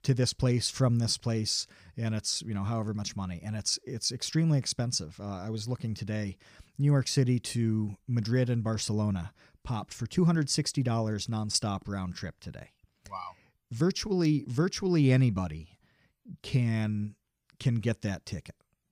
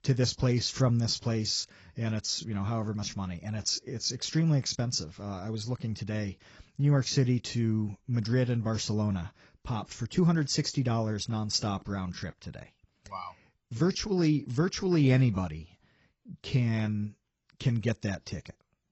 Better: first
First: none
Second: garbled, watery; badly; nothing above 7.5 kHz

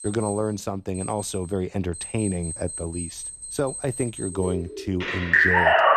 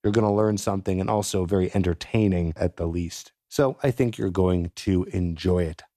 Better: second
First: alarms or sirens; very loud; throughout; 3 dB above the speech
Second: none

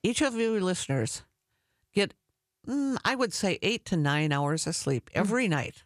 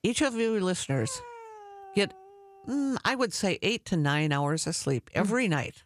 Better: first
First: none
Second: dog barking; faint; from 1 to 3 s; peak 15 dB below the speech

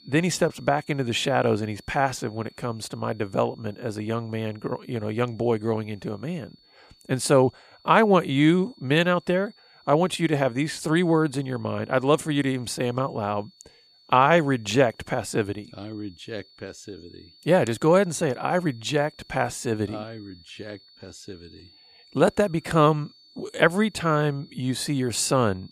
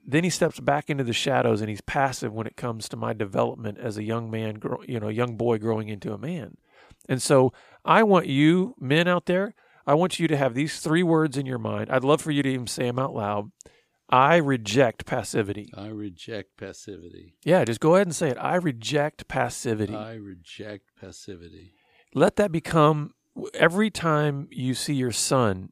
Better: second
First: high-pitched whine; faint; throughout; 4.5 kHz, 30 dB below the speech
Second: none

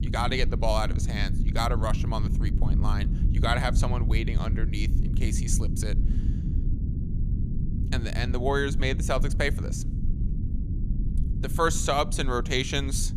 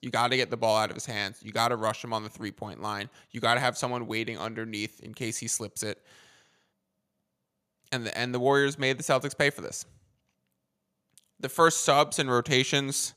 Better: second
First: low rumble; noticeable; throughout; 10 dB below the speech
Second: none

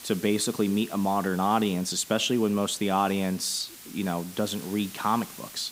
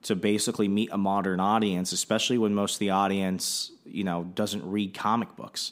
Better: second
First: hiss; noticeable; throughout; 15 dB below the speech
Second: none

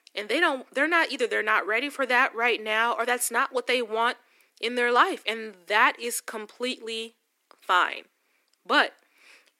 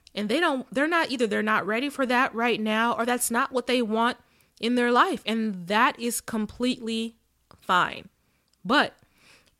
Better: second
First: thin; somewhat; fading below 300 Hz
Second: none

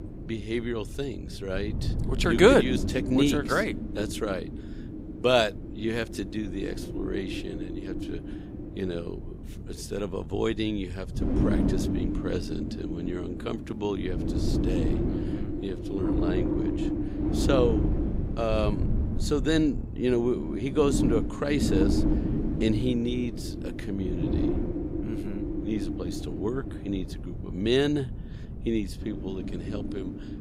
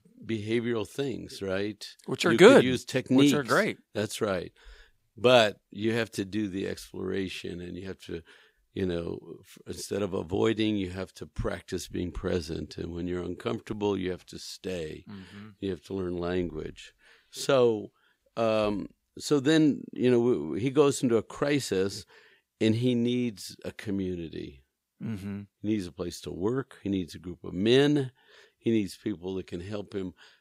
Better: second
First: wind noise on the microphone; heavy; 6 dB below the speech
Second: none

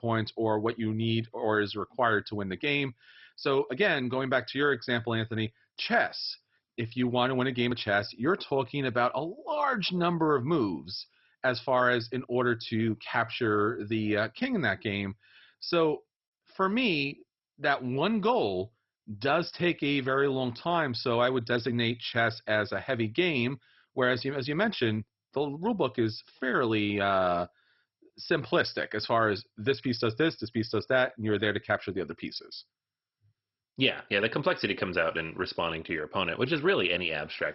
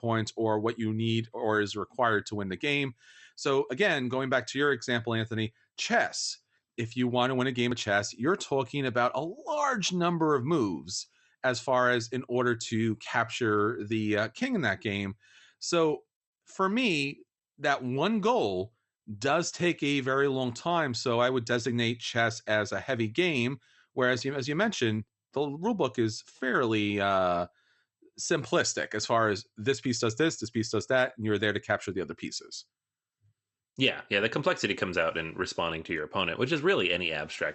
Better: second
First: garbled, watery; badly; nothing above 5.5 kHz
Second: garbled, watery; slightly; nothing above 8 kHz

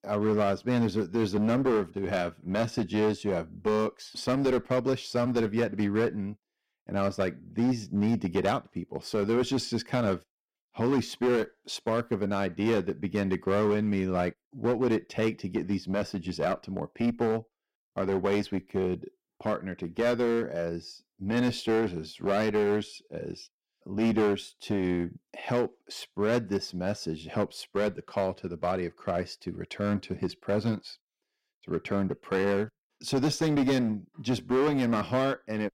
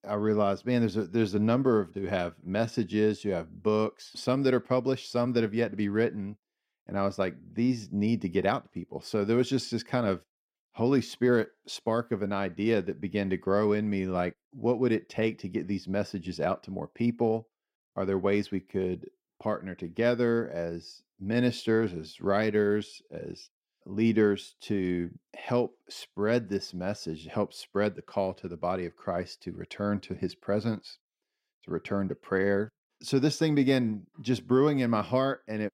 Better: second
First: distortion; slight; 8% of the sound clipped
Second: none

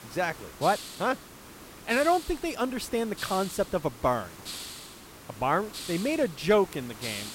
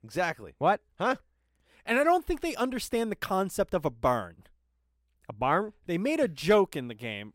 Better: second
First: hiss; noticeable; throughout; 10 dB below the speech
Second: none

